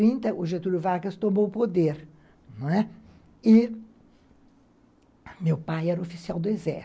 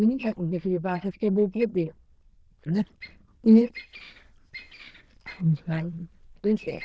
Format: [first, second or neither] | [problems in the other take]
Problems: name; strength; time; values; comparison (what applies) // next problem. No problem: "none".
first | noise reduction (neural diffusion model UNIVERSE++)